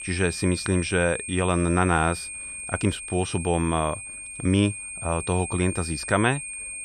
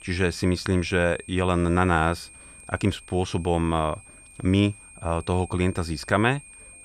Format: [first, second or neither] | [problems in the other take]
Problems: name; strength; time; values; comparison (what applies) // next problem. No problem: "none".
second | high-pitched whine; loud; throughout; 8.5 kHz, 8 dB below the speech; faint in the second